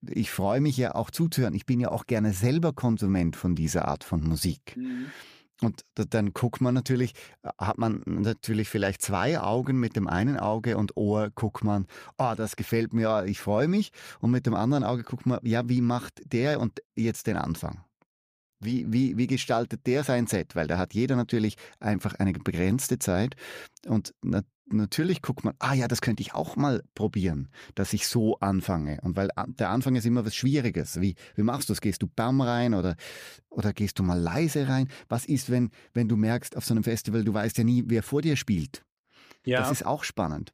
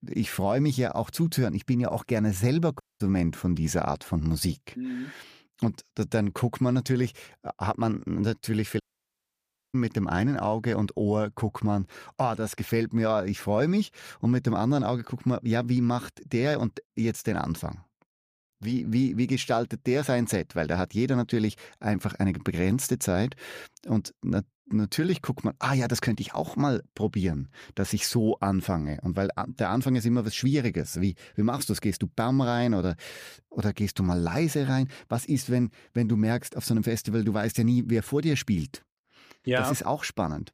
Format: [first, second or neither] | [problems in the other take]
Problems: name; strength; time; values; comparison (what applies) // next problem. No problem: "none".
first | audio cutting out; at 3 s and at 9 s for 1 s